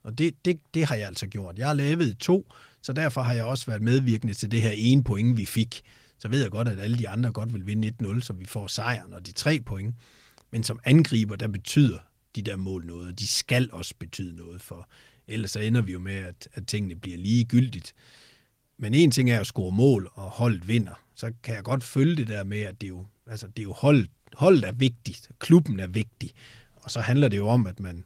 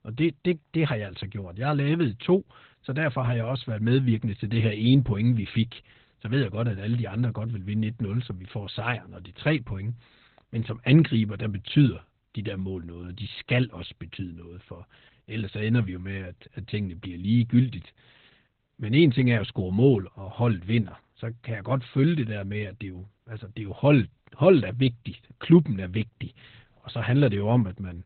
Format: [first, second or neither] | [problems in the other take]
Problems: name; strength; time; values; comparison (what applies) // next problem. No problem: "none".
first | garbled, watery; badly; nothing above 4 kHz; slightly in the first